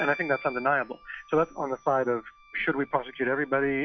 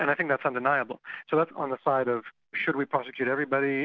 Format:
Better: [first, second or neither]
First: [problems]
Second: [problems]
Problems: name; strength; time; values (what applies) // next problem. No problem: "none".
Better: second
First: noise reduction (classical method log-MMSE)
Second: none